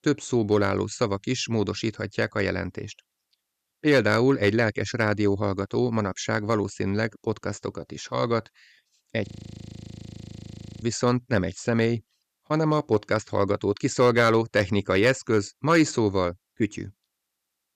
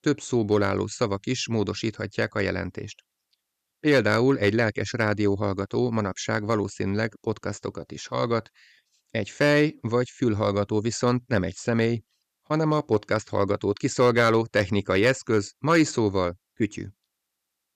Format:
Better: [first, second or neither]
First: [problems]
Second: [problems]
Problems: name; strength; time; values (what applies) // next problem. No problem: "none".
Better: second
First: audio freezing; at 9.5 s for 1.5 s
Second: none